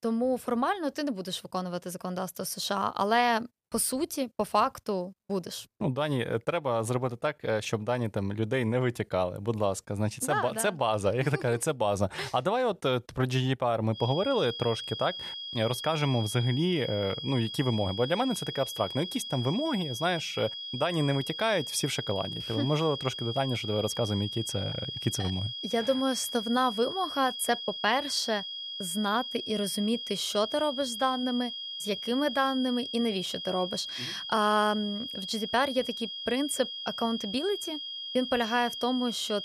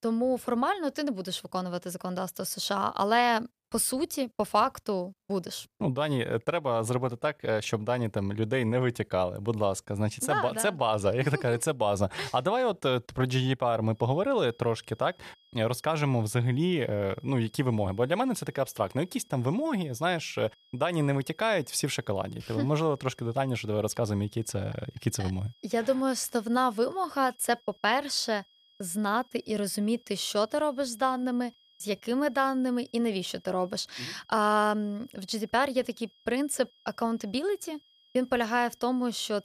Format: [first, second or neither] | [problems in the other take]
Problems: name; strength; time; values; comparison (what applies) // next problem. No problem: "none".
second | high-pitched whine; loud; from 14 s on; 3.5 kHz, 6 dB below the speech; faint in the second